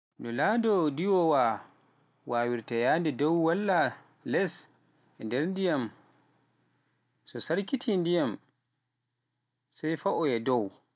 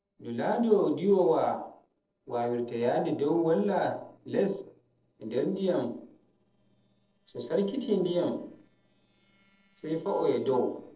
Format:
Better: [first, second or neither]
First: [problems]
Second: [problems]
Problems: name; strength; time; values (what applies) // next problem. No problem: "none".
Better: first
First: none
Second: noise reduction (neural separator model SepFormer DNS4)